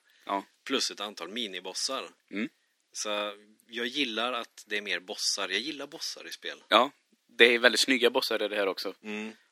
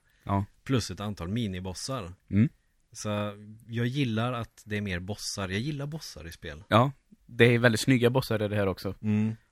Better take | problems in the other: second | thin; somewhat; fading below 300 Hz

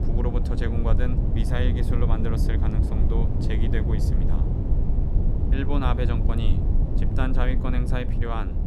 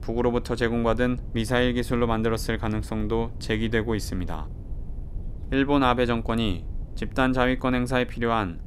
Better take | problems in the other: second | low rumble; loud; throughout; 4 dB below the speech; faint in the second

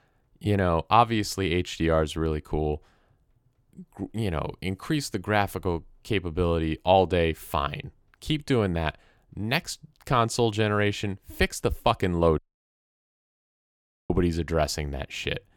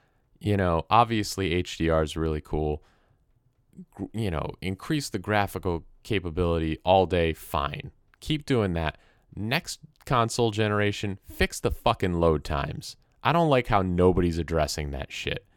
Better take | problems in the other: second | audio cutting out; at 12 s for 1.5 s

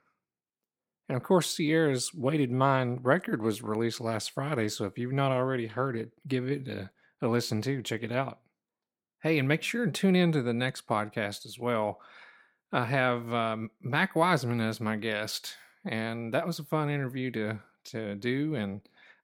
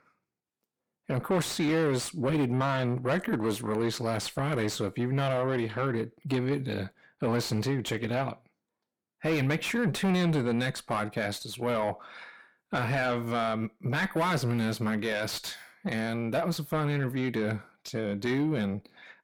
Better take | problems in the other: first | distortion; heavy; 7 dB below the speech

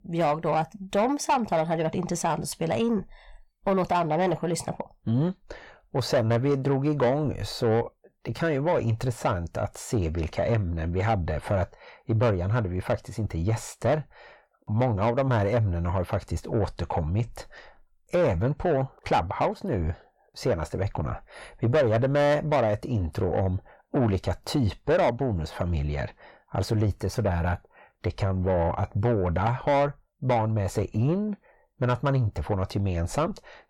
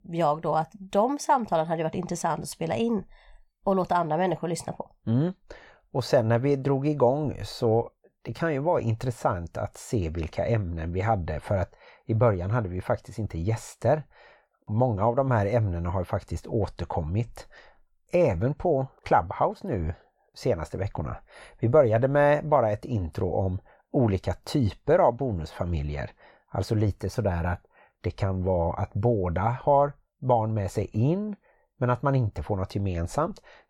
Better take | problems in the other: second | distortion; slight; 10 dB below the speech

